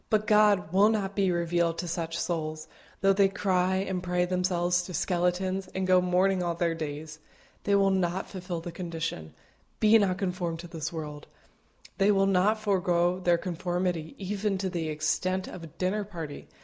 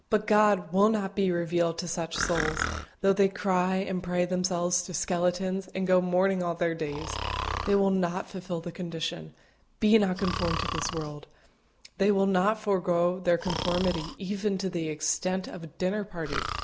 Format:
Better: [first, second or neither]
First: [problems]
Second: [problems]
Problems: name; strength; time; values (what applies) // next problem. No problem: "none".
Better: first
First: none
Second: background sound (Breathing); 11 dB below the speech